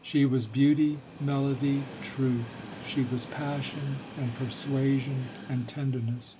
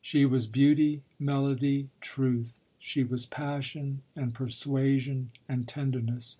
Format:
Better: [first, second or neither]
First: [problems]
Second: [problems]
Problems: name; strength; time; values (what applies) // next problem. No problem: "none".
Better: second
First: background sound (Train); 14 dB below the speech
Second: none